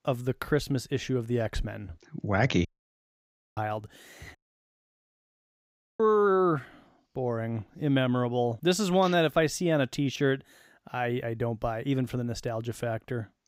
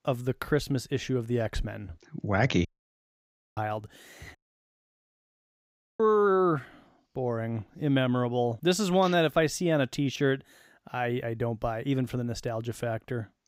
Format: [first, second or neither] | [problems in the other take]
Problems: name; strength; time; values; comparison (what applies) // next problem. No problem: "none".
neither | audio cutting out; at 2.5 s for 1 s and at 4.5 s for 1.5 s; the same in both